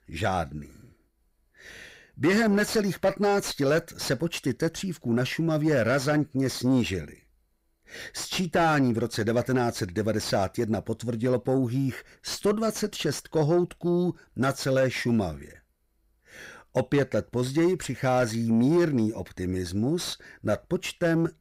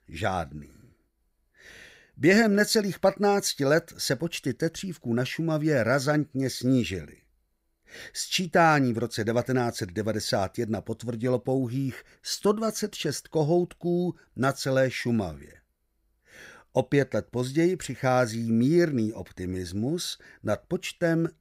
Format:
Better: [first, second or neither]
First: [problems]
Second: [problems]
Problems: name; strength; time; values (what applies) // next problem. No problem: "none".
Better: second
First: distortion; slight; 10 dB below the speech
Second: none